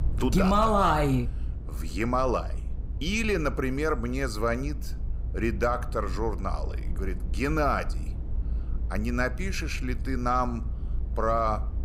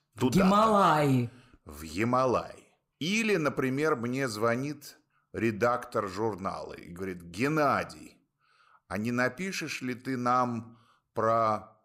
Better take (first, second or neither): second